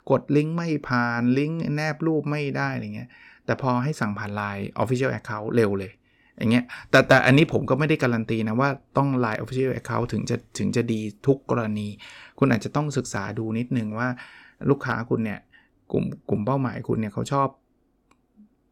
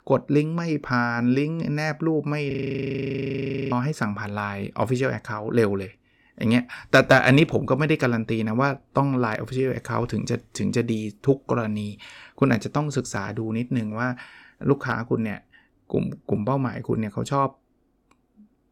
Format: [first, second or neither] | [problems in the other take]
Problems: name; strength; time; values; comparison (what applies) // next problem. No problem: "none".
first | audio freezing; at 2.5 s for 1 s